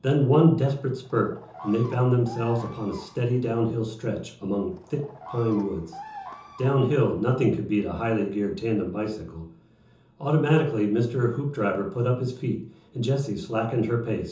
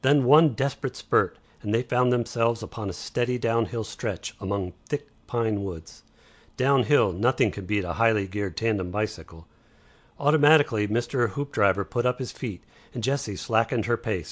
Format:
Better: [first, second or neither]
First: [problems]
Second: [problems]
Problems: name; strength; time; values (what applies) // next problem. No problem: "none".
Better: second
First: background sound (Bird vocalization, bird call, bird song); 18 dB below the speech // room echo; dies away in 0.6 s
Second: none